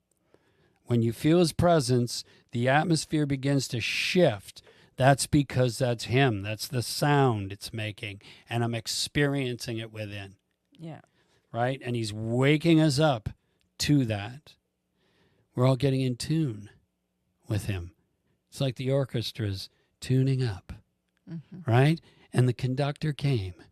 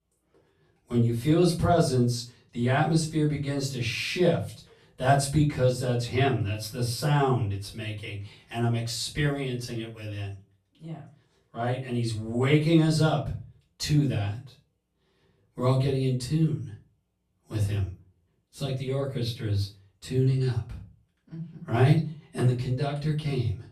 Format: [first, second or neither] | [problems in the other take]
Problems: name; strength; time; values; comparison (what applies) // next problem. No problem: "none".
first | off-mic speech; far // room echo; slight; dies away in 0.3 s